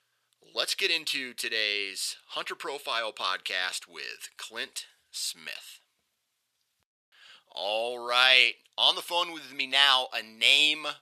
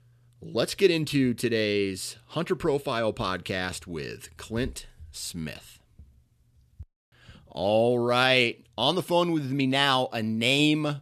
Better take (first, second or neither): second